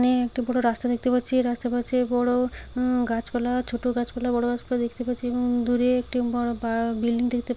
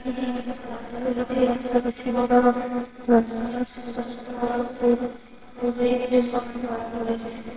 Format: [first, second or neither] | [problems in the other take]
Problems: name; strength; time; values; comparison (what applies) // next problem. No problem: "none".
first | noise reduction (neural separator model SepFormer WHAMR!)